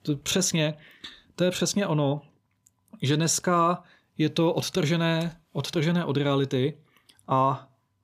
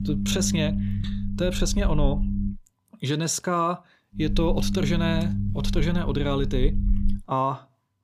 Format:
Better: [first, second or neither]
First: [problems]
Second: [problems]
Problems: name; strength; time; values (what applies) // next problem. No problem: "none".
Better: first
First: none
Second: low rumble; loud; until 2.5 s and from 4 to 7 s; 10 dB below the speech